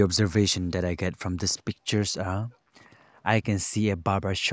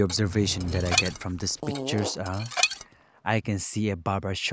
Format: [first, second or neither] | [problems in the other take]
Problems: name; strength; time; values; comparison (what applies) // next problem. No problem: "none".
first | background sound (Dishes, pots, and pans + Fart / Drawer open or close); 3 dB below the speech